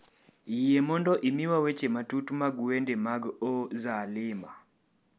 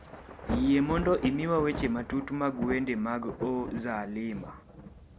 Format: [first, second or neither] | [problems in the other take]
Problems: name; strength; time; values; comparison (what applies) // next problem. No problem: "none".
first | background sound (Thunder / Rain); 9 dB below the speech